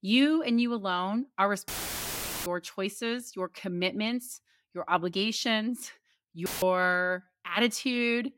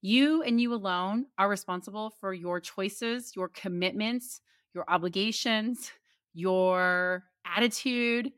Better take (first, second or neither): second